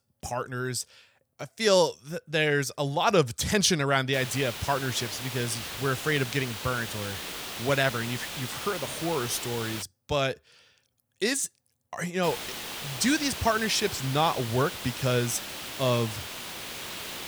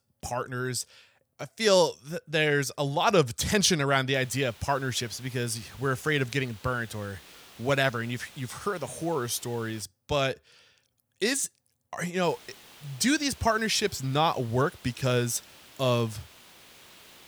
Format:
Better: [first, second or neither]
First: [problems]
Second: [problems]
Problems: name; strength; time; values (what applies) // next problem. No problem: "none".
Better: second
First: hiss; loud; from 4 to 10 s and from 12 s on; 8 dB below the speech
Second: hiss; faint; from 4 to 10 s and from 12 s on; 20 dB below the speech